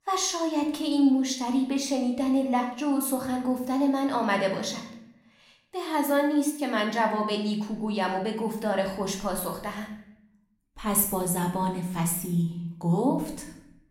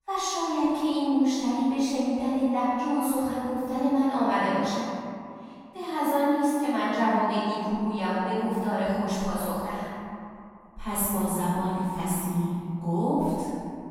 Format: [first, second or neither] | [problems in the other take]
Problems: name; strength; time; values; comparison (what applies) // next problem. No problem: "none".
first | room echo; strong; dies away in 2.5 s; slight in the first // off-mic speech; far; somewhat distant in the first